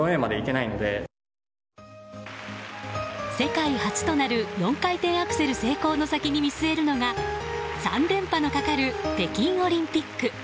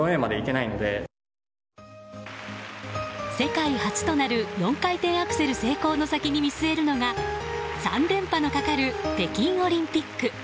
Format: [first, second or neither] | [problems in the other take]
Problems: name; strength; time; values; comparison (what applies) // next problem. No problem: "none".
second | background sound (Wind instrument, woodwind instrument); 17 dB below the speech